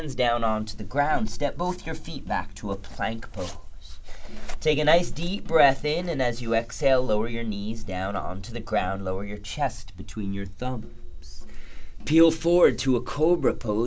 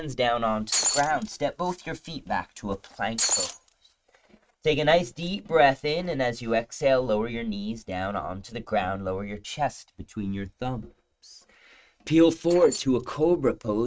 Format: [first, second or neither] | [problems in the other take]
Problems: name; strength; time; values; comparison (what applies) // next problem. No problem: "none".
first | noise reduction (neural mask model RNNoise)